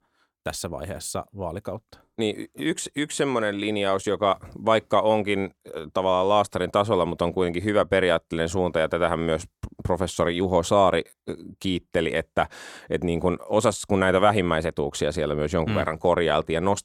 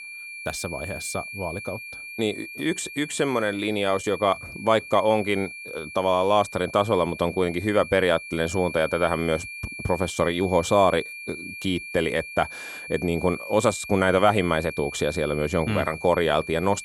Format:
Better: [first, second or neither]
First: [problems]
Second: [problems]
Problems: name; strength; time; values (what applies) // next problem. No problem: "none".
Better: first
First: none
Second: high-pitched whine; noticeable; throughout; 2.5 kHz, 10 dB below the speech